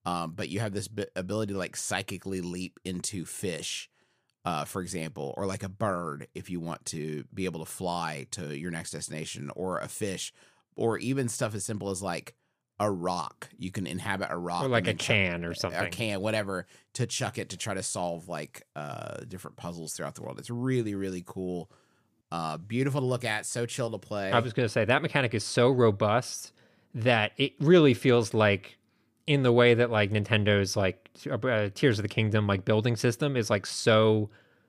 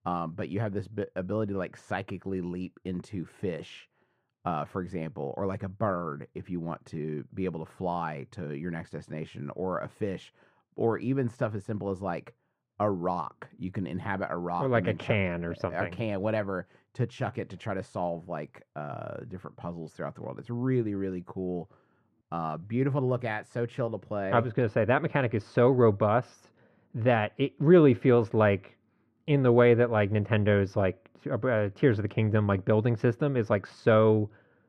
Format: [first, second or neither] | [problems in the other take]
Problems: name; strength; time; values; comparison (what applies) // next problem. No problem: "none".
first | muffled; very; fading above 3.5 kHz